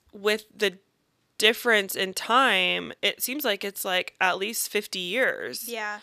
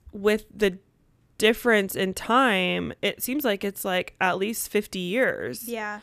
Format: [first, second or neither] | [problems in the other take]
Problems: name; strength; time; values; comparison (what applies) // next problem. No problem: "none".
second | thin; very slightly; fading below 550 Hz